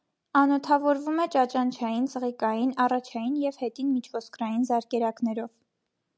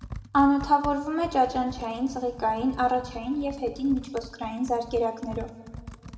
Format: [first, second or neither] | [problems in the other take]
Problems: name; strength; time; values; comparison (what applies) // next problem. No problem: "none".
first | background sound (Computer keyboard); 15 dB below the speech // room echo; dies away in 1.6 s